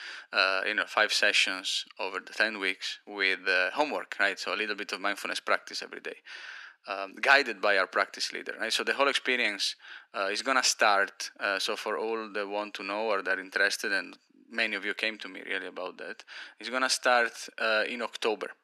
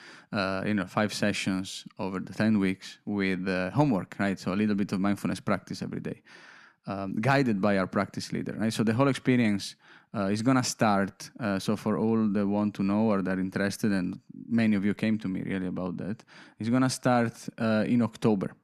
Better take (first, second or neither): second